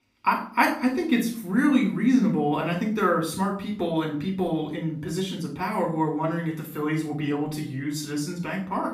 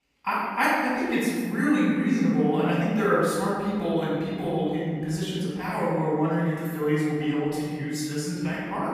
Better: first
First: room echo; slight; dies away in 0.4 s // off-mic speech; far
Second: room echo; strong; dies away in 1.6 s // off-mic speech; far

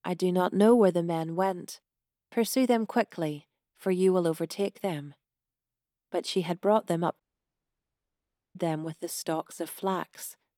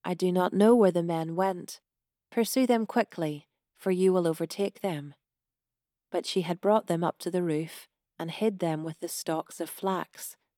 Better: second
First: audio cutting out; at 7 s for 1.5 s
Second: none

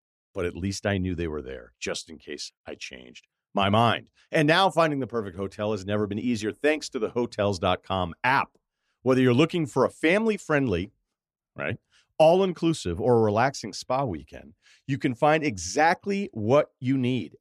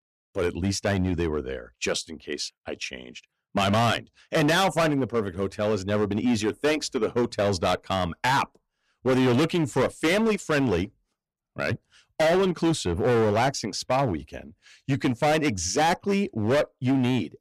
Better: first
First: none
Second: distortion; heavy; 13% of the sound clipped

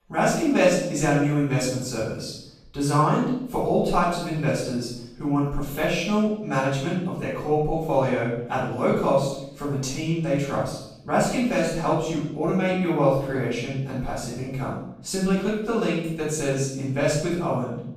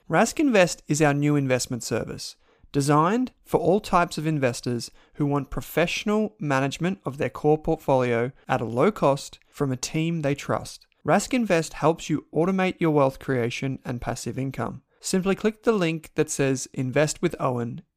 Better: second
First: off-mic speech; far // room echo; noticeable; dies away in 0.7 s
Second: none

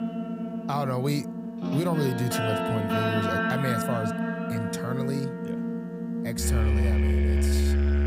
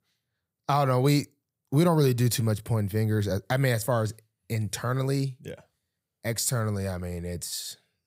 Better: second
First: background music; very loud; throughout; 3 dB above the speech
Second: none

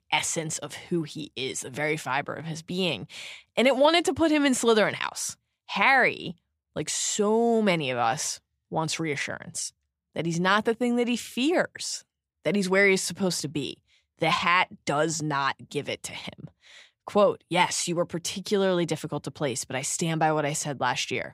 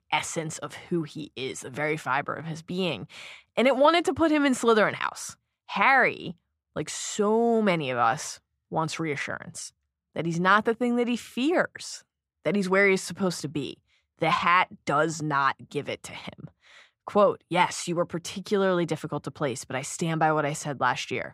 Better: first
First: none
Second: muffled; very slightly; fading above 2.5 kHz

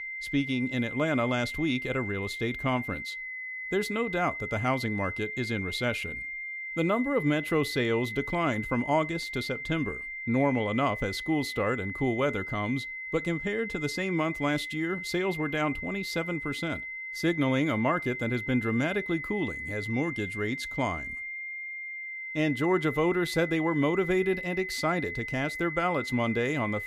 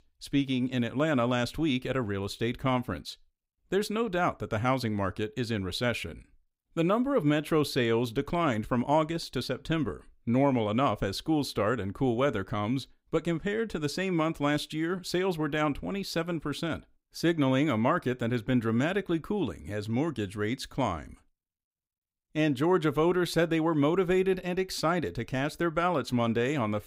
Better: second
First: high-pitched whine; loud; throughout; 2 kHz, 6 dB below the speech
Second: none

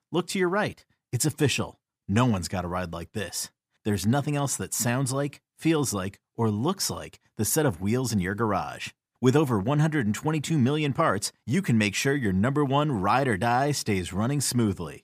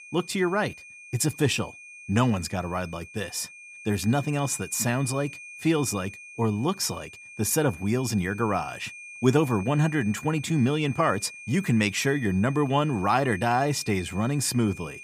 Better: first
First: none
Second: high-pitched whine; noticeable; throughout; 2.5 kHz, 15 dB below the speech

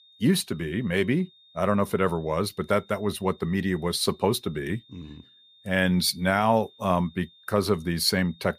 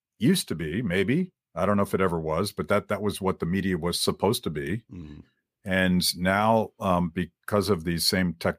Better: second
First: high-pitched whine; faint; throughout; 3.5 kHz, 30 dB below the speech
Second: none

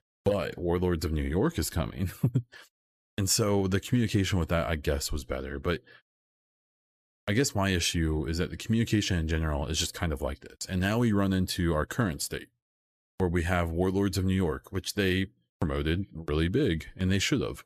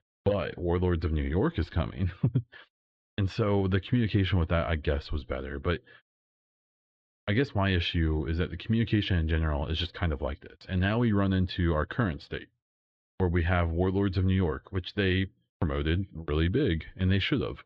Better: first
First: none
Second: muffled; very; fading above 3.5 kHz

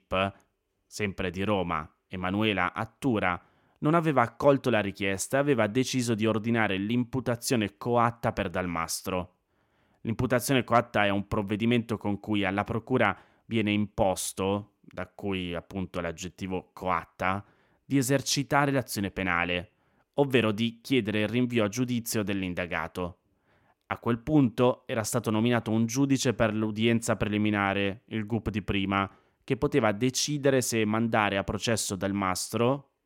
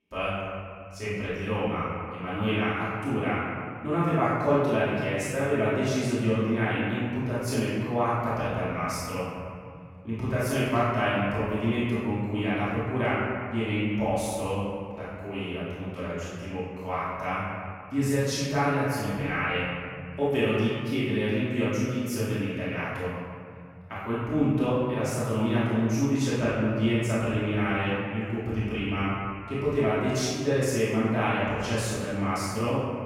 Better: first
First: none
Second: off-mic speech; far // room echo; strong; dies away in 2.4 s

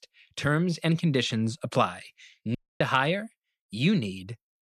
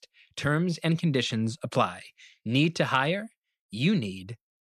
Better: second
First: audio cutting out; at 2.5 s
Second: none

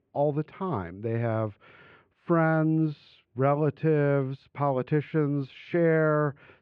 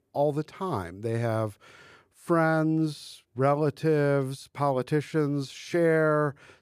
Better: second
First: muffled; very; fading above 3 kHz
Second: none

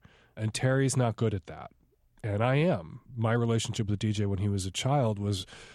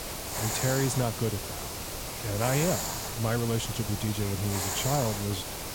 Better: first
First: none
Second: hiss; loud; throughout; 2 dB below the speech

